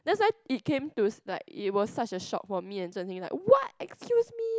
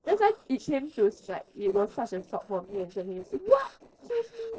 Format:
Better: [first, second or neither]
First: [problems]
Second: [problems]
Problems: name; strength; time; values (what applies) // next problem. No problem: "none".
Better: first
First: none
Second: noise reduction (neural separator model SepFormer DNS4)